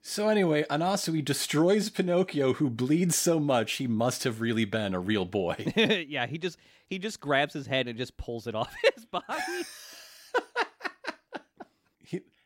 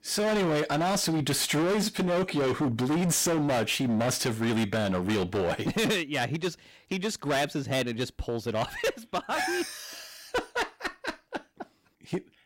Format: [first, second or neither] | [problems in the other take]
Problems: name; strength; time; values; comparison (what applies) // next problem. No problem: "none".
first | distortion; heavy; 20% of the sound clipped